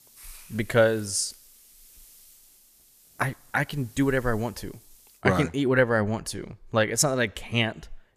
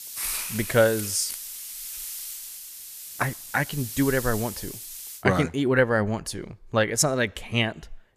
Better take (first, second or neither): first